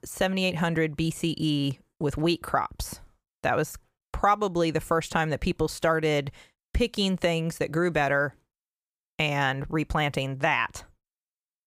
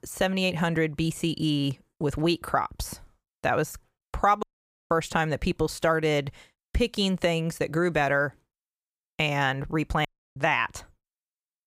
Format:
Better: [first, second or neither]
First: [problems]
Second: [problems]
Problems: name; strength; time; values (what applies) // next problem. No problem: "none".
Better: first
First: none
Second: audio cutting out; at 4.5 s and at 10 s